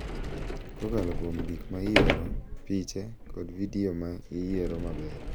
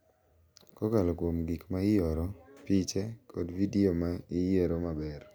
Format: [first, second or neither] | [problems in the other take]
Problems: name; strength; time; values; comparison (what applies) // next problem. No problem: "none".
second | background sound (Sliding door); 1 dB above the speech